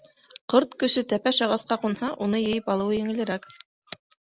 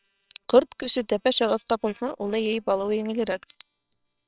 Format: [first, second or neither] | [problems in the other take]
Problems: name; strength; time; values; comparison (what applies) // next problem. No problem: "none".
first | noise reduction (neural separator model SepFormer WHAMR!)